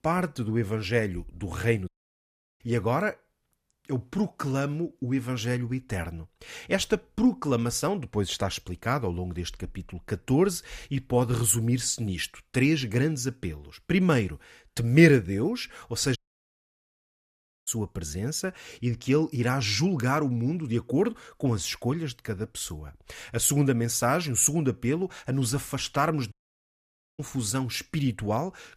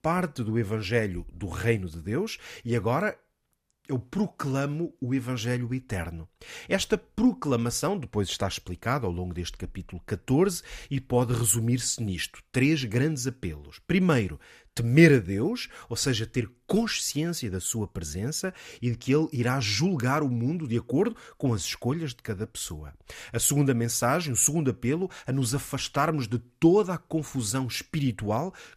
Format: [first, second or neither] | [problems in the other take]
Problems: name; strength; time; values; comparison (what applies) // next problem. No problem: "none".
second | audio cutting out; at 2 s for 0.5 s, at 16 s for 1.5 s and at 26 s for 1 s